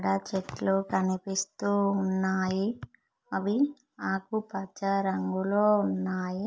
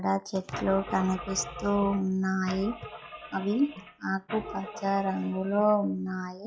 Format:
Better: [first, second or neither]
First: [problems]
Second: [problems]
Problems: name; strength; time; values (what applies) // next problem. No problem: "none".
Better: first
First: none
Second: noise reduction (classical method log-MMSE)